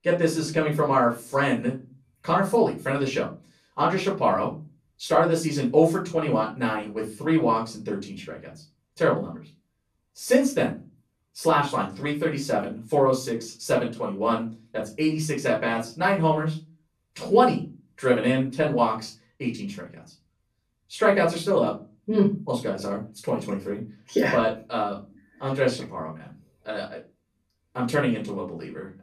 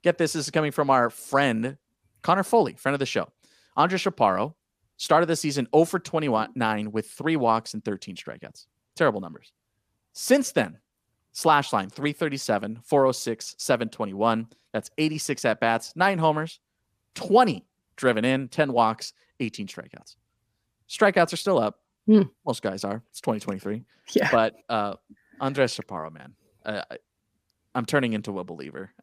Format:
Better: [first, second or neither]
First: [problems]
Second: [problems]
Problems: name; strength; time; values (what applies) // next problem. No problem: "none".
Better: second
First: off-mic speech; far // room echo; slight; dies away in 0.3 s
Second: none